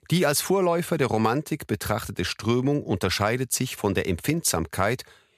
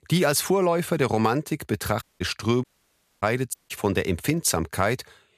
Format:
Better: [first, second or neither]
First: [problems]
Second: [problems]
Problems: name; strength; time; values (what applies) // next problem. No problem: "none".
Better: first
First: none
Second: audio cutting out; at 2 s, at 2.5 s for 0.5 s and at 3.5 s